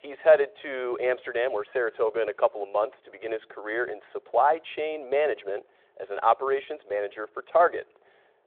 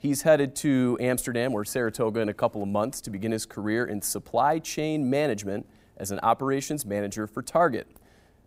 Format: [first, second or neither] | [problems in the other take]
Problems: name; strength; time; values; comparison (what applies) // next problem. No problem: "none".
second | phone-call audio